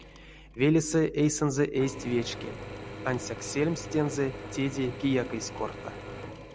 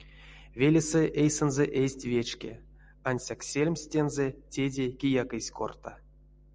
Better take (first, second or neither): second